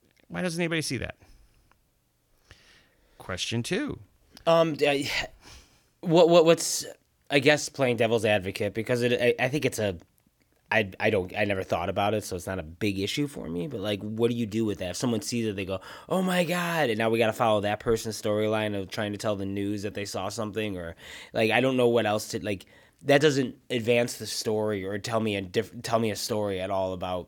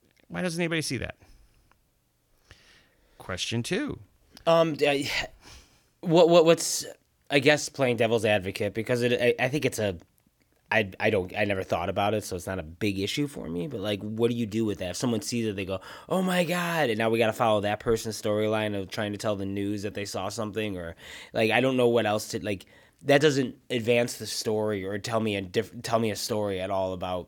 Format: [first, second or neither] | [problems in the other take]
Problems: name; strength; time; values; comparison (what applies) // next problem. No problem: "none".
neither | none